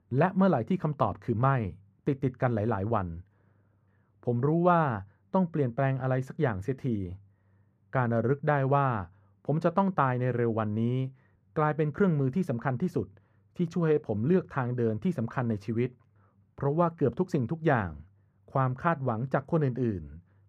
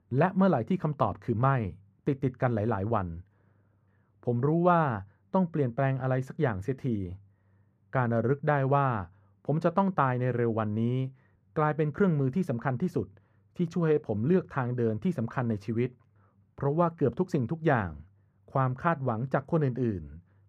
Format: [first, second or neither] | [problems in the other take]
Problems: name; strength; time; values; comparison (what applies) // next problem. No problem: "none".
neither | muffled; very; fading above 3 kHz; the same in both